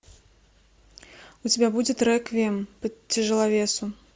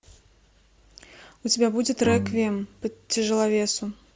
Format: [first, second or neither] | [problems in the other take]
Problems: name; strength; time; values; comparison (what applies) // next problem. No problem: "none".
first | background sound (Bowed string instrument); 9 dB below the speech